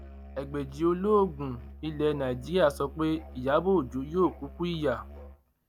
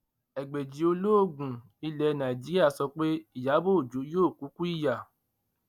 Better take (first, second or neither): second